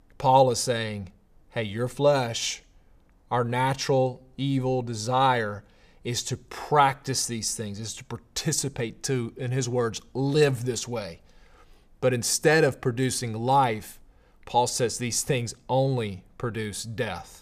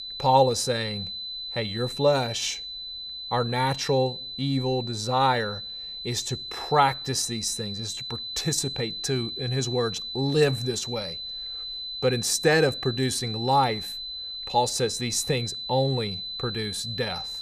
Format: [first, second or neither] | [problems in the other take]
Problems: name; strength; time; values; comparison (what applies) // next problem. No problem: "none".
first | high-pitched whine; loud; throughout; 4 kHz, 6 dB below the speech